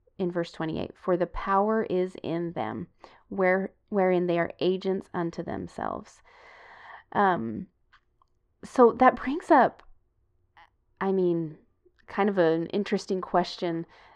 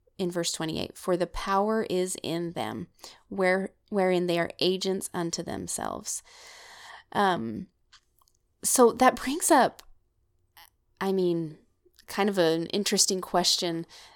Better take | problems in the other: second | muffled; very; fading above 1.5 kHz

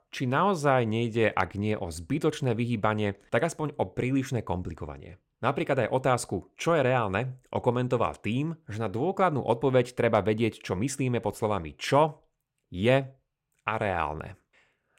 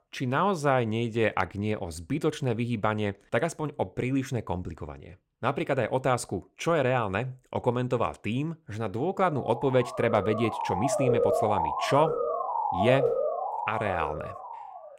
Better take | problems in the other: first | siren; loud; from 9.5 s on; peak 4 dB above the speech

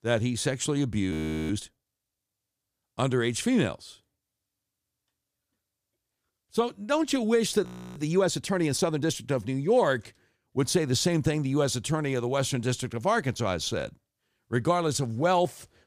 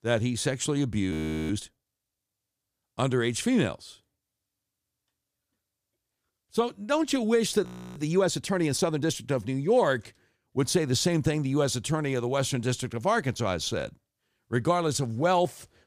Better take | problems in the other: neither | audio freezing; at 1 s and at 7.5 s; the same in both

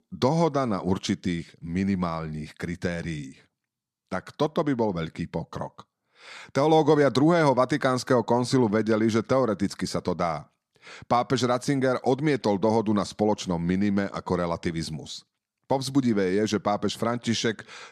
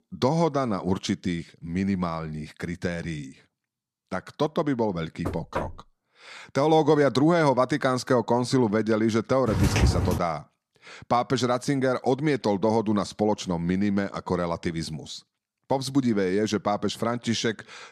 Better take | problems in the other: first | door banging; noticeable; at 5.5 s; peak 7 dB below the speech // footsteps; loud; at 9.5 s; peak 3 dB above the speech

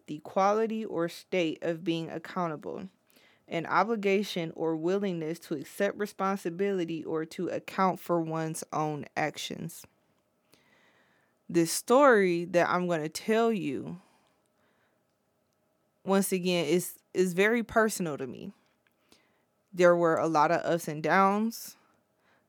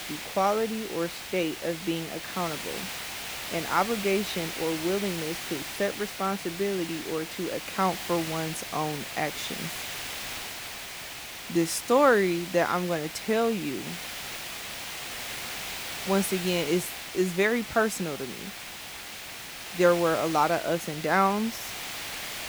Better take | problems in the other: first | hiss; loud; throughout; 7 dB below the speech

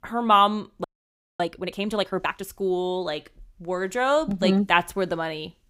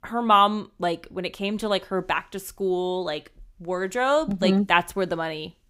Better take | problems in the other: second | audio freezing; at 1 s for 0.5 s

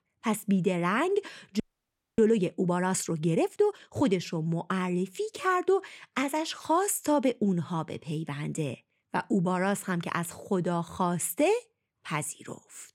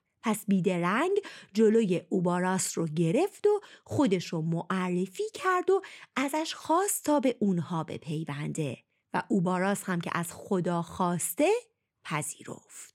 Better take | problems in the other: second | audio freezing; at 1.5 s for 0.5 s

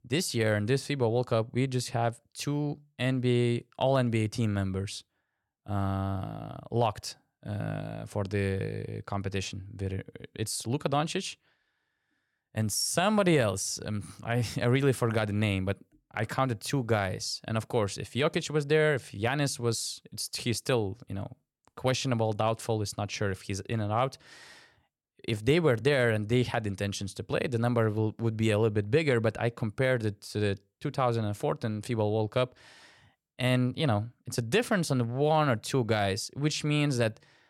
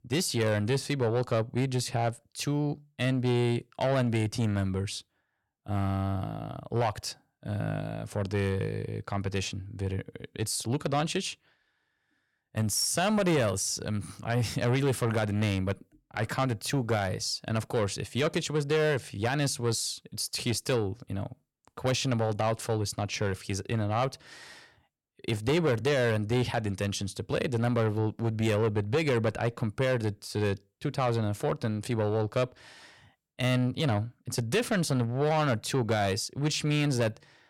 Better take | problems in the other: first | distortion; slight; 10 dB below the speech

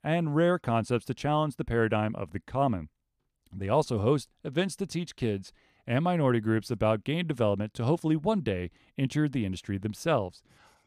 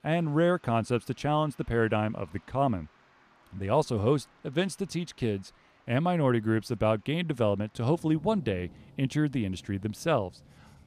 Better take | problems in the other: first | rain or running water; faint; throughout; 30 dB below the speech

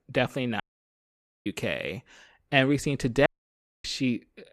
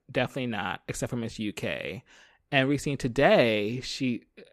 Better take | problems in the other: second | audio cutting out; at 0.5 s for 1 s and at 3.5 s for 0.5 s

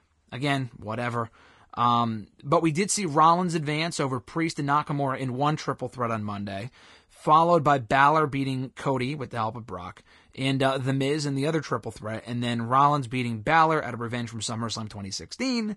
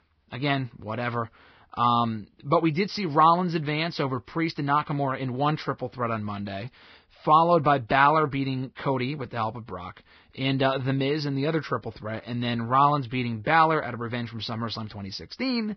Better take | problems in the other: first | garbled, watery; badly; nothing above 5.5 kHz; slightly in the first

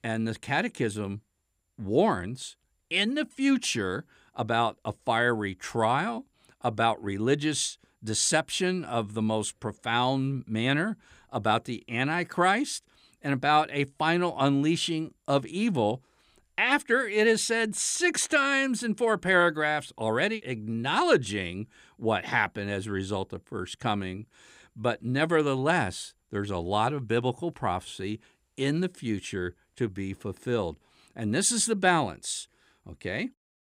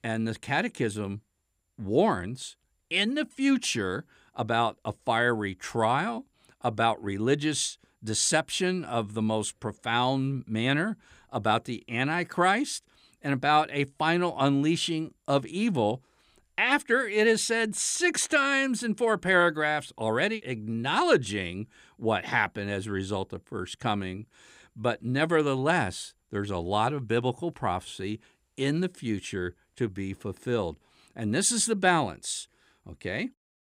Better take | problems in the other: neither | none

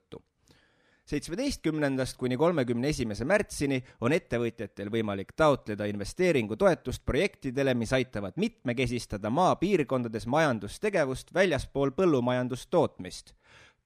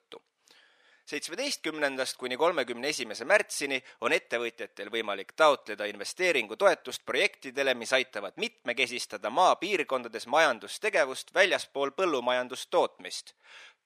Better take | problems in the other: first | thin; somewhat; fading below 600 Hz

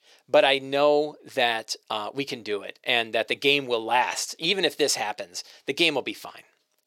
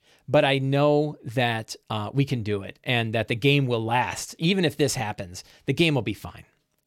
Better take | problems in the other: second | thin; somewhat; fading below 450 Hz

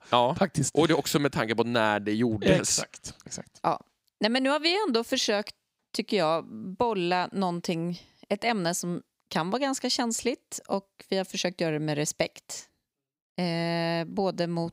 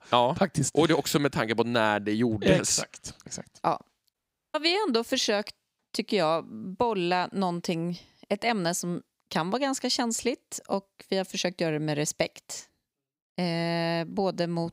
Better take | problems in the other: first | audio cutting out; at 4 s

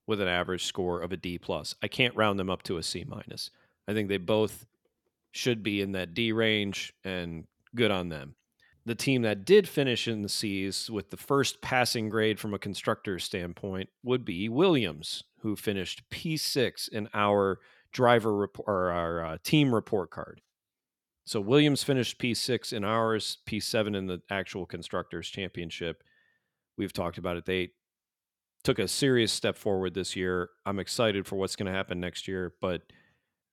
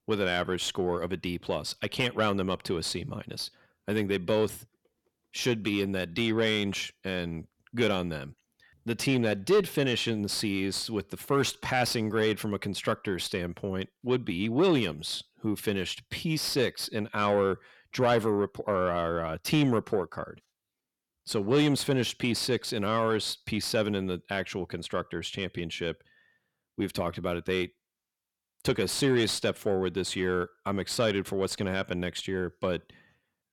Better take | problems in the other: first | distortion; slight; 10 dB below the speech

